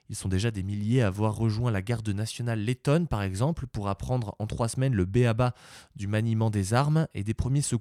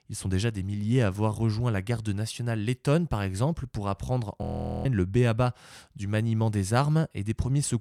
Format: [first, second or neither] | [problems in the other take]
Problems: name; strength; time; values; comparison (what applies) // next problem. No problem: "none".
first | audio freezing; at 4.5 s